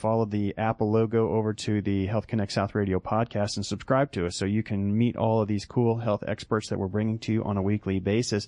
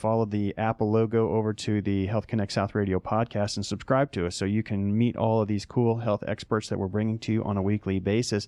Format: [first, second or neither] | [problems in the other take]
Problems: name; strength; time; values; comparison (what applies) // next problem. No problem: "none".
second | garbled, watery; slightly; nothing above 10 kHz